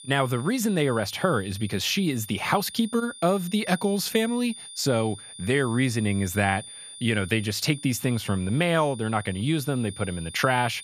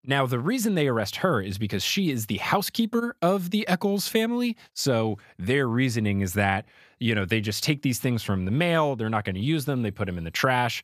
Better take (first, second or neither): second